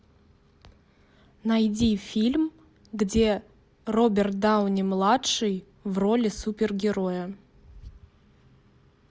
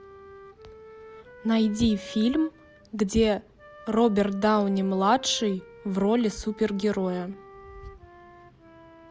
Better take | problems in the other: first | background sound (Wind instrument, woodwind instrument); 20 dB below the speech

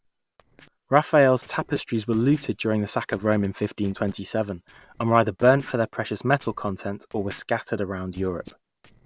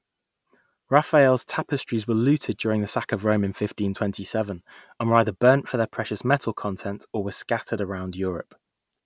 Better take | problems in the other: second | noise reduction (neural separator model SepFormer DNS4)

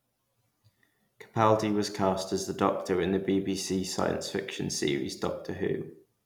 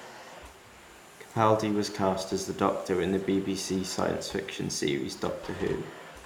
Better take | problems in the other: first | background sound (Domestic sounds, home sounds); 18 dB below the speech

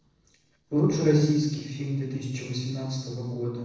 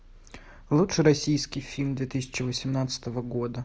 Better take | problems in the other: second | noise reduction (neural separator model SepFormer DNS4)

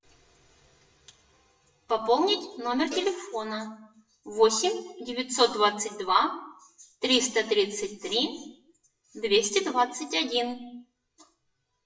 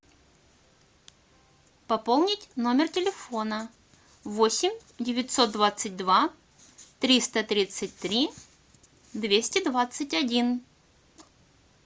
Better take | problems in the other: second | noise reduction (classical method WPE with log-MMSE)

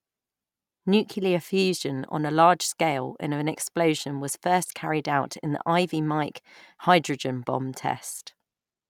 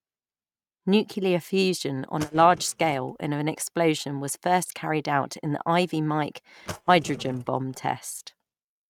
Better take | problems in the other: first | noise reduction (neural mask model RNNoise)

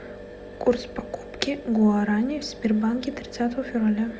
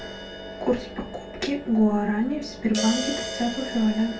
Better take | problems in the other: first | background sound (Crash cymbal); 10 dB below the speech // room echo; dies away in 0.2 s

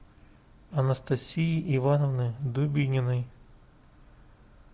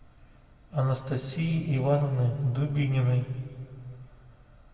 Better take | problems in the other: first | room echo; dies away in 2.1 s

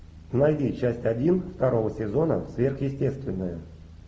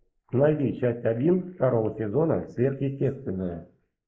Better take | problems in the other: first | noise reduction (neural mask model Resemble Enhance denoiser)

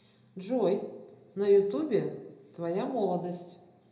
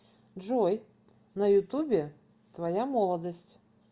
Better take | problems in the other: second | room echo; dies away in 0.7 s

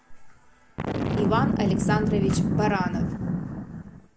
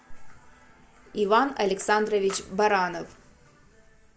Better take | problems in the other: second | background sound (Boom); 5 dB above the speech

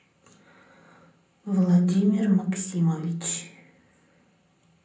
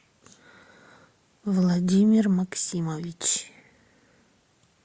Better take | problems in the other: second | room echo; dies away in 0.6 s

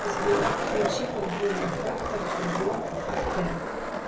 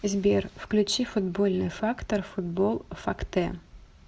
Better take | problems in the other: second | background sound (Skateboard); 1 dB above the speech // room echo; dies away in 0.3 s

